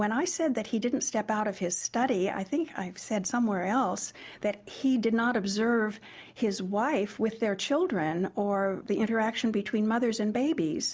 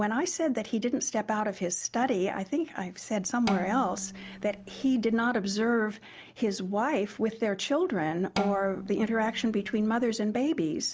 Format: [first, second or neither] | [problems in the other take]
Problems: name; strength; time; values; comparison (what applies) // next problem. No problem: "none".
first | background sound (Bowed string instrument); 9 dB below the speech